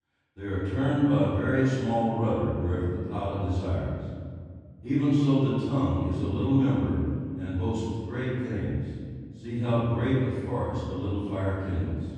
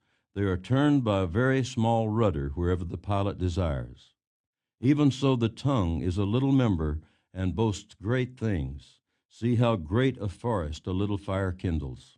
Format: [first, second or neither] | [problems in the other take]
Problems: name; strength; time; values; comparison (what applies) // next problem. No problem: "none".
second | off-mic speech; far // room echo; strong; dies away in 1.9 s